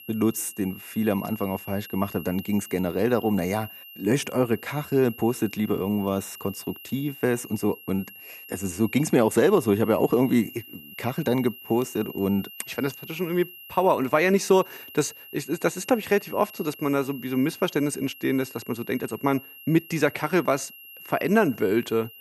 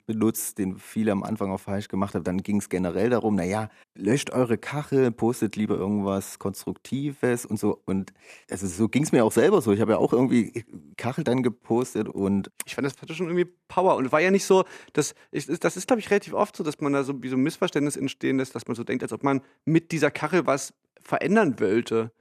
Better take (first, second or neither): second